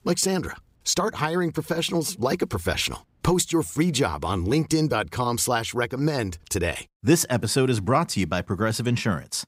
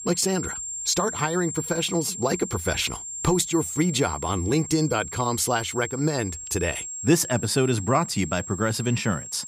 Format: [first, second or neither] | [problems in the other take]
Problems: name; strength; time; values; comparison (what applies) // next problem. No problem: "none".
first | high-pitched whine; loud; throughout; 7.5 kHz, 8 dB below the speech